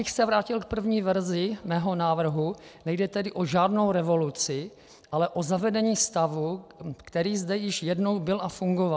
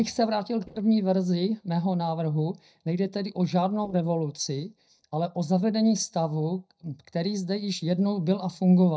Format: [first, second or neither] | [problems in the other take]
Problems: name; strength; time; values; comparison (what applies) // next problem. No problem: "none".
first | noise reduction (neural mask model DeepFilterNet 3)